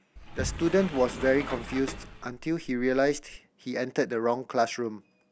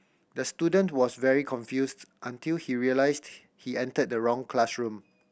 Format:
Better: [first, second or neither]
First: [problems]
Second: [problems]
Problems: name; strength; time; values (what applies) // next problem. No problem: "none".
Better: second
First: background sound (Sliding door); 10 dB below the speech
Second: none